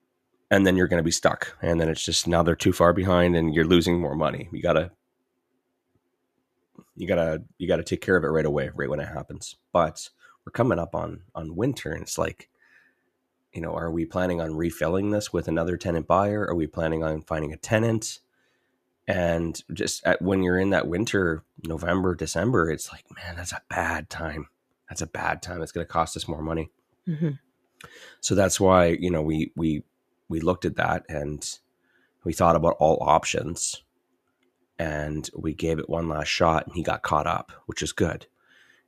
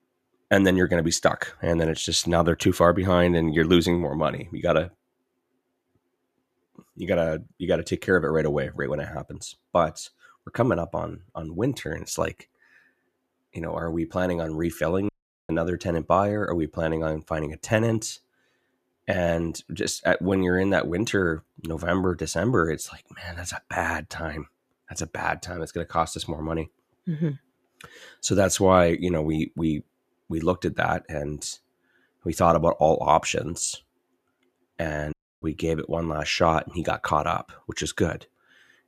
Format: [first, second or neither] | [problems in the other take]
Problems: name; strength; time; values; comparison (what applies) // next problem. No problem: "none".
first | audio cutting out; at 15 s and at 35 s